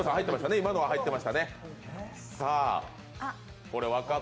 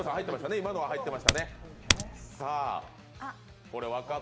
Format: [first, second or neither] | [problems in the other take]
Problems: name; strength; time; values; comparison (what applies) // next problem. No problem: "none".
first | background sound (Typing); 5 dB above the speech